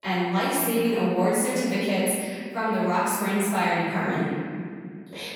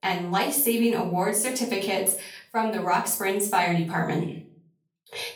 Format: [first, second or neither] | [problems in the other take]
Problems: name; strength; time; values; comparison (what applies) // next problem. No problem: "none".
second | room echo; strong; dies away in 2.2 s; slight in the second // off-mic speech; far; far in the second